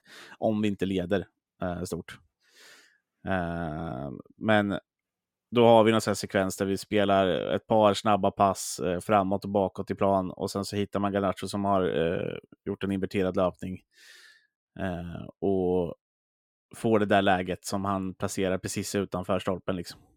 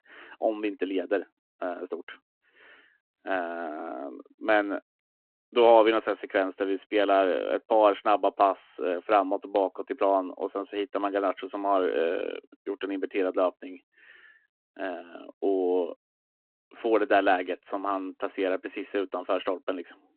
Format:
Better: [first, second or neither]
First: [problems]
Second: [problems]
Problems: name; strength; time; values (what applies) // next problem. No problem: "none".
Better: first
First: none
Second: phone-call audio